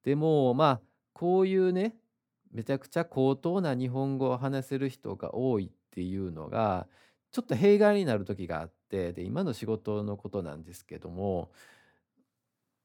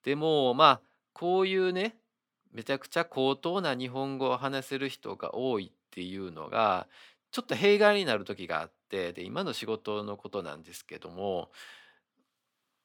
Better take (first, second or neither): first